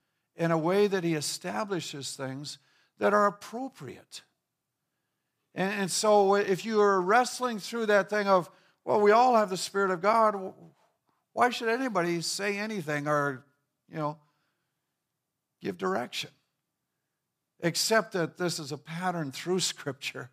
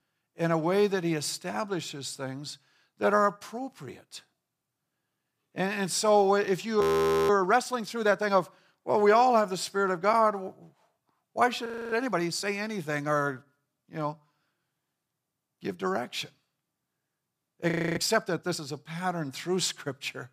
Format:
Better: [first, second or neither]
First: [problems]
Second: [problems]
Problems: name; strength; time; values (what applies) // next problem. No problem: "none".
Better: first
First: none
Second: audio freezing; at 7 s, at 12 s and at 18 s